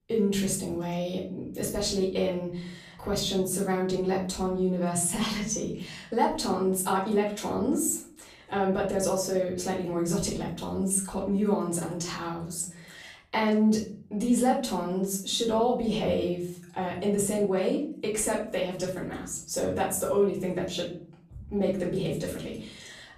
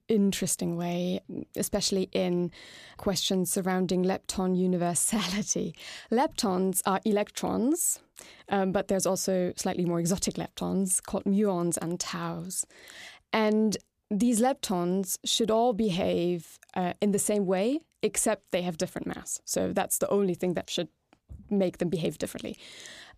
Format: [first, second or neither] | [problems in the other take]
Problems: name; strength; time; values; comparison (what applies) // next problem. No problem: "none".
second | off-mic speech; far // room echo; slight; dies away in 0.6 s